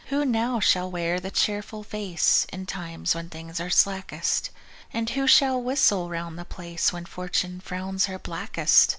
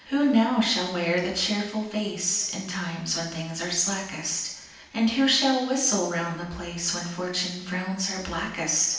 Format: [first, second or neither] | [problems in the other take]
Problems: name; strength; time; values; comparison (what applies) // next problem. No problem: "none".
first | room echo; dies away in 0.9 s